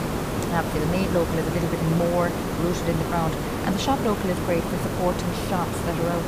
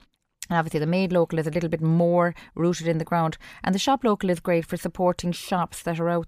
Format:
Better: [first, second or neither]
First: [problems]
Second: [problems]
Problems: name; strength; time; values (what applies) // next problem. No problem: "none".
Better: second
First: hiss; loud; throughout; 1 dB below the speech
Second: none